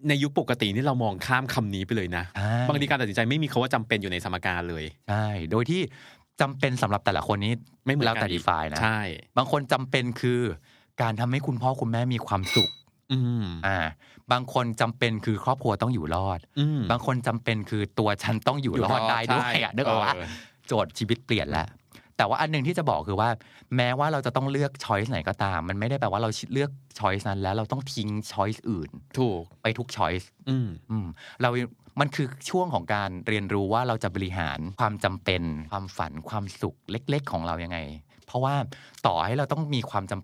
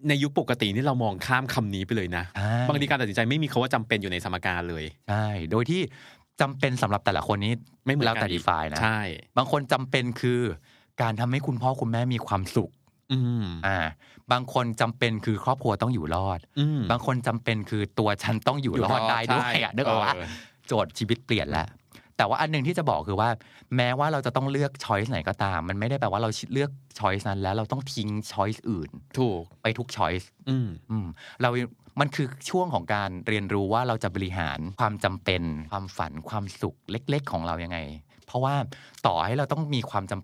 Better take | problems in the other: second | clattering dishes; loud; at 12 s; peak 3 dB above the speech

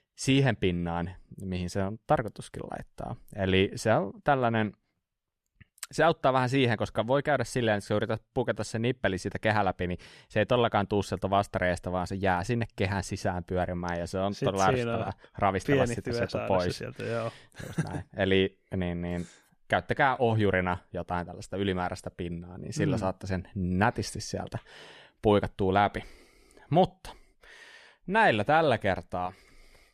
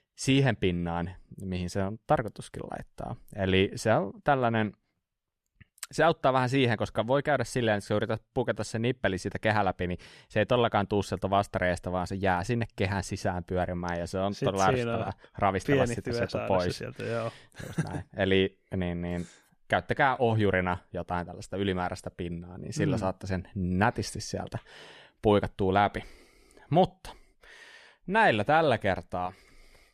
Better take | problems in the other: neither | none

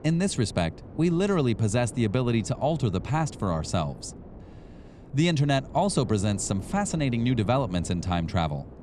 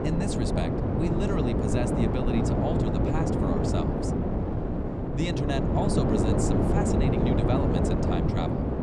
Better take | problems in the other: first | wind noise on the microphone; heavy; 4 dB above the speech; occasional gusts in the first

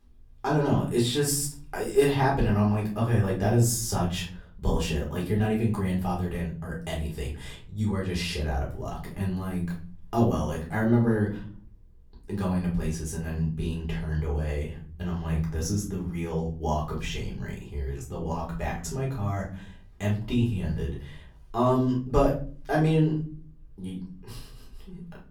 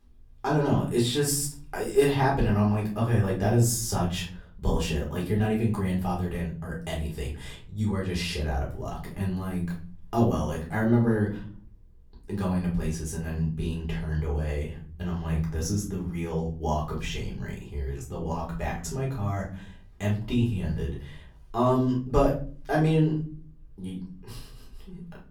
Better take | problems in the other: neither | off-mic speech; far; the same in both // room echo; slight; dies away in 0.4 s; the same in both

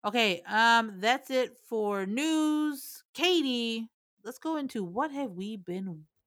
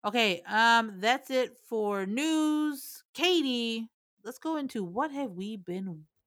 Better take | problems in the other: neither | none

